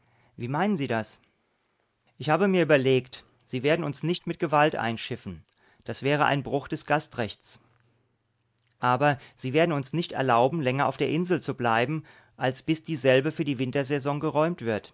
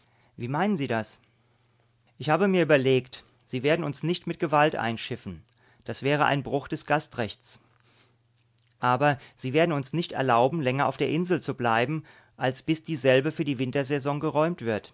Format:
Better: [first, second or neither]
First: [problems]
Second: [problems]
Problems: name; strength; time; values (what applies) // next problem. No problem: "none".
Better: second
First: noise reduction (neural mask model Resemble Enhance denoiser)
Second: none